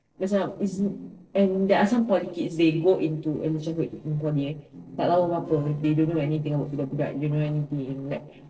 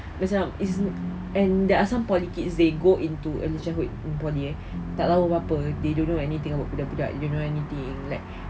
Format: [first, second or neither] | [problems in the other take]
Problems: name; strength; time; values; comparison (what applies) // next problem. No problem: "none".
second | noise reduction (neural separator model SepFormer DNS4)